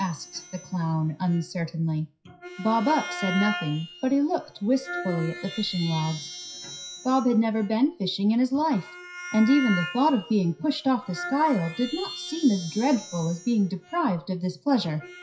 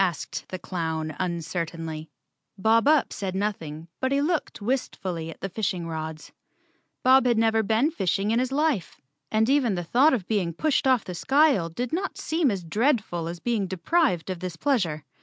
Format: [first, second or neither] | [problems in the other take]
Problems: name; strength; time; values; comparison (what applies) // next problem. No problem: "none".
second | noise reduction (classical method WPE with log-MMSE)